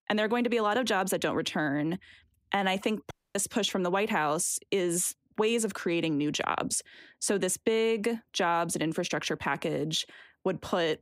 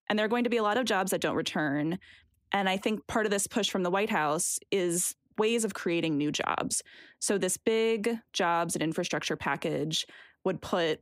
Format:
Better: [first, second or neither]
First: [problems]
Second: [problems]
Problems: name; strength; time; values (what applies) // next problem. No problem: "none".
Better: second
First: audio cutting out; at 3 s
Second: none